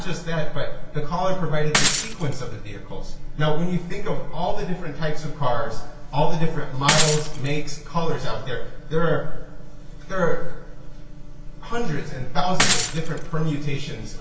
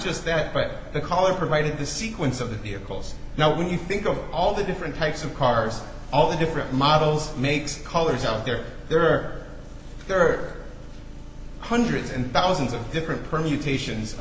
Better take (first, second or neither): second